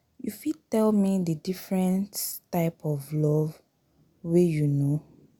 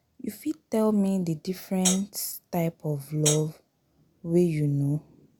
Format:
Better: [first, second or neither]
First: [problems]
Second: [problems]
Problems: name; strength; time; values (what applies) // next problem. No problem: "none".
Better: first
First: none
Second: background sound (Hi-hat); 2 dB below the speech